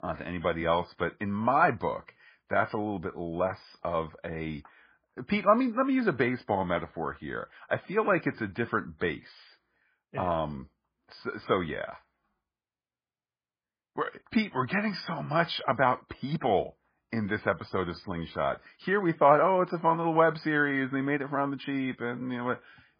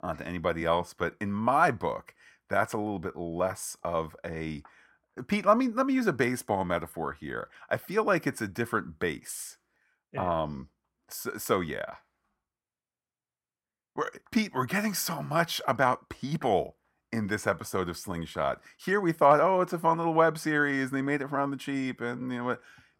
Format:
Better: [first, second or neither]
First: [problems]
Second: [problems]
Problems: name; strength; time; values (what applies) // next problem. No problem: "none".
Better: second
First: garbled, watery; badly; nothing above 5 kHz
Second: none